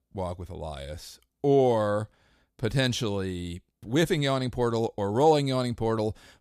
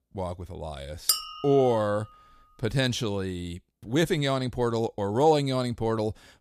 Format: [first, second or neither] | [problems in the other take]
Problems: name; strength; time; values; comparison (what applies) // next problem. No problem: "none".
first | clattering dishes; loud; at 1 s; peak 1 dB above the speech